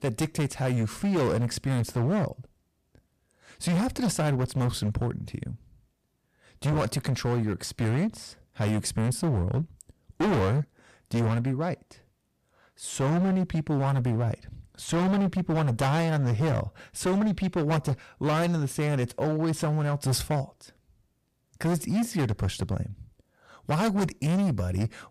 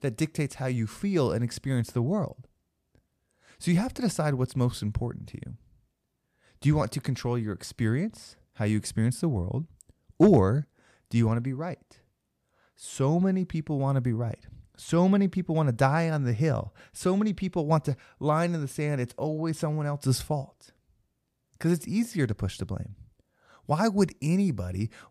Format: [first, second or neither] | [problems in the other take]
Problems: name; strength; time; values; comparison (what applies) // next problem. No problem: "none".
second | distortion; heavy; 18% of the sound clipped